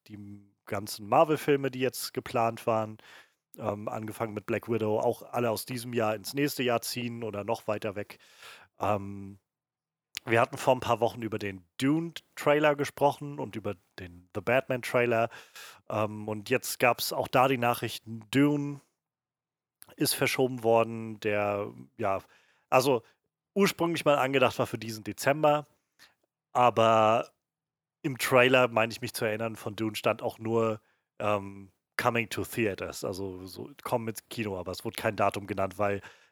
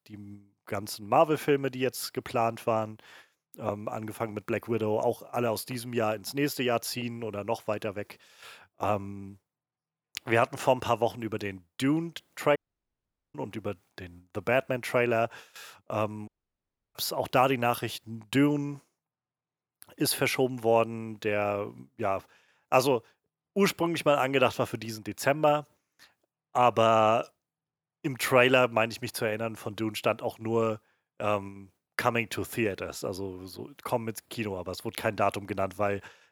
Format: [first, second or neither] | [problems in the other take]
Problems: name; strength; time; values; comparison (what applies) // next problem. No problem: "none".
first | audio cutting out; at 13 s for 1 s and at 16 s for 0.5 s